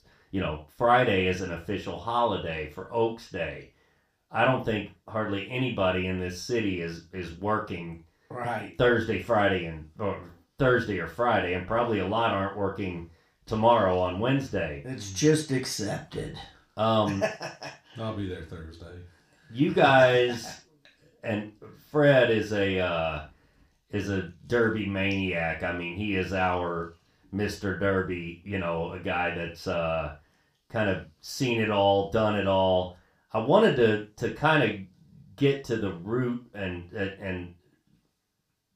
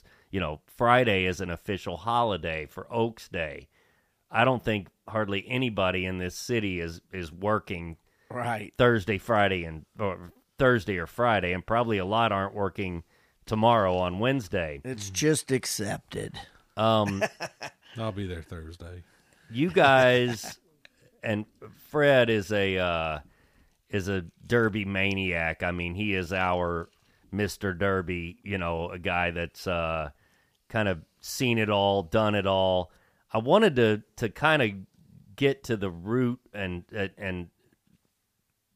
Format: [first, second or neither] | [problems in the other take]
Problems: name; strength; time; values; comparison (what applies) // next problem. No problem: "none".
second | room echo; slight; dies away in 0.3 s // off-mic speech; somewhat distant